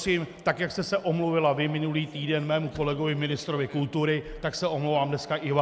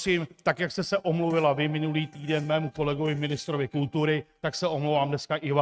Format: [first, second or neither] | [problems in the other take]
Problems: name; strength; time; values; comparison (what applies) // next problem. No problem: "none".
first | noise reduction (neural mask model RNNoise)